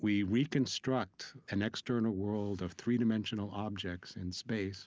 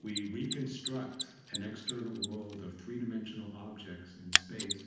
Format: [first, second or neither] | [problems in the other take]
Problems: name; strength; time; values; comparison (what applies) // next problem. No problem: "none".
first | background sound (Mechanisms); 1 dB above the speech // room echo; dies away in 0.9 s